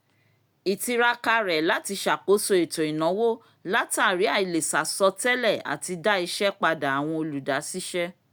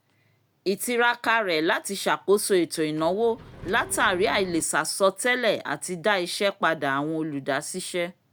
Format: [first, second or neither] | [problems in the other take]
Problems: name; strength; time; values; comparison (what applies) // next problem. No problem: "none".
first | background sound (Engine); 17 dB below the speech